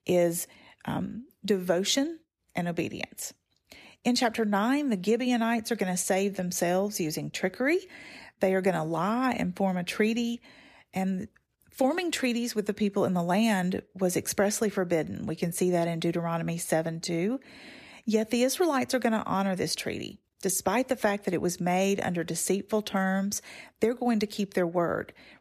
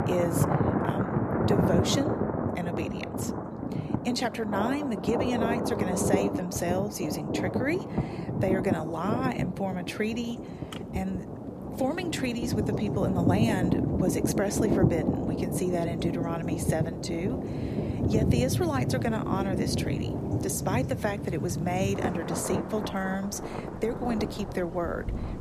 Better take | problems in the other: first | rain or running water; very loud; throughout; 1 dB above the speech

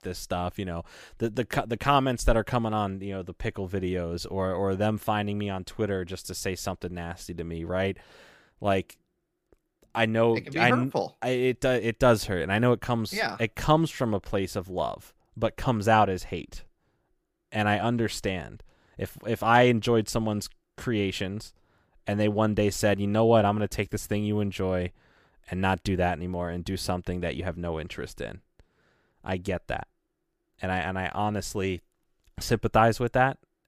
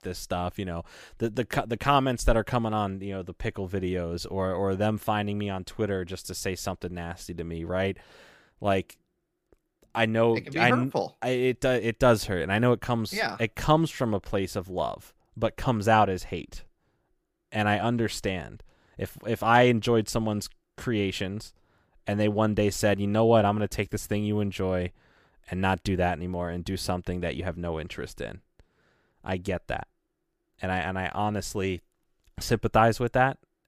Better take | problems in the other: neither | none

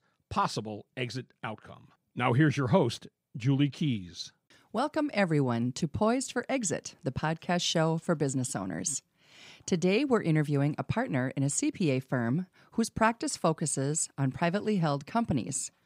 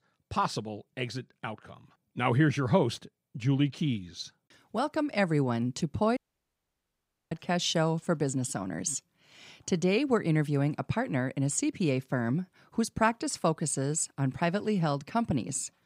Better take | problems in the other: first | audio cutting out; at 6 s for 1 s

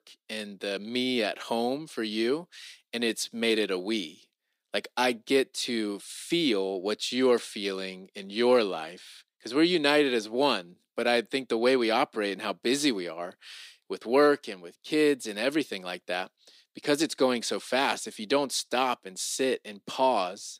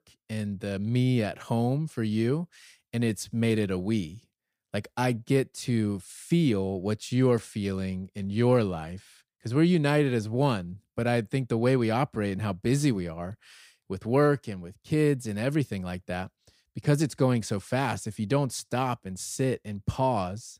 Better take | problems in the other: second | thin; somewhat; fading below 300 Hz

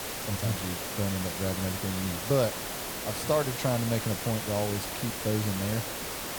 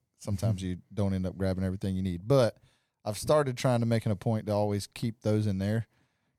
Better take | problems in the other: second | hiss; loud; throughout; 2 dB below the speech

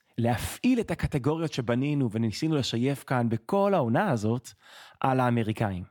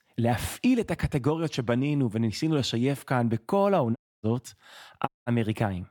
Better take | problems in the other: first | audio cutting out; at 4 s and at 5 s

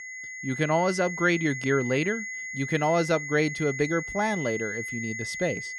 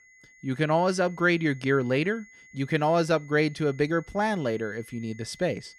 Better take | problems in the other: second | high-pitched whine; loud; throughout; 2 kHz, 6 dB below the speech; faint in the second

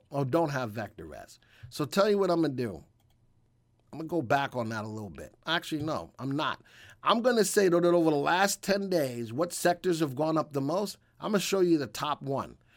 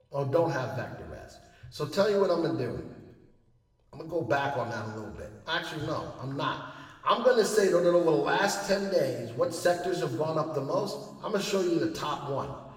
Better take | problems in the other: first | room echo; noticeable; dies away in 1.2 s // off-mic speech; somewhat distant

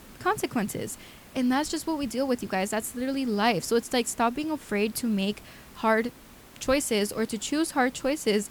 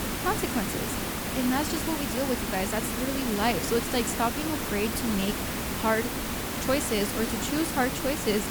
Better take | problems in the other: first | hiss; loud; throughout; 1 dB below the speech; faint in the first

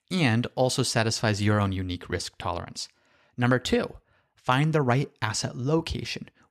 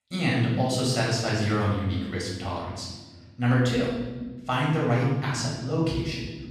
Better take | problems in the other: first | off-mic speech; far // room echo; noticeable; dies away in 1.3 s

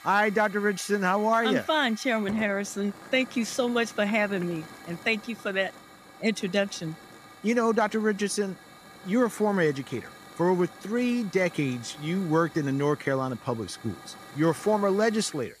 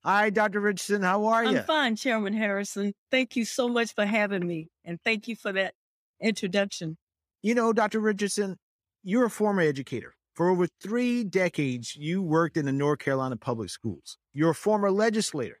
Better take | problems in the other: second | hiss; noticeable; throughout; 20 dB below the speech

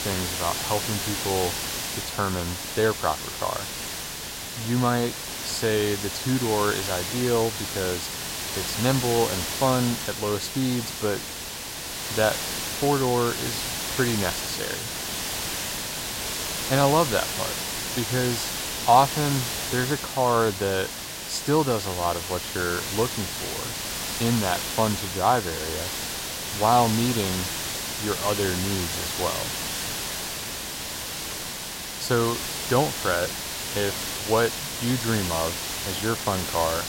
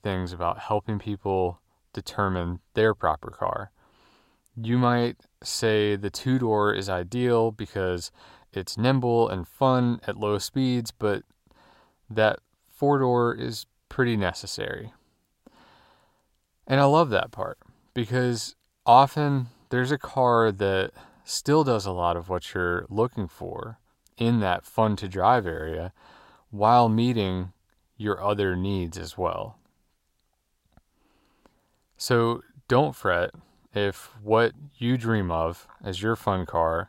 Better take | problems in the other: second | hiss; loud; throughout; 3 dB below the speech

